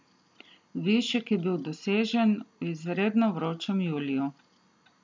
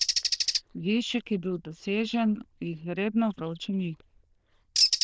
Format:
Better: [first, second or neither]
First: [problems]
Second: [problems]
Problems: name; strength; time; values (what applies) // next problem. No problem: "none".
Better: first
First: none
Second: noise reduction (neural diffusion model UNIVERSE++)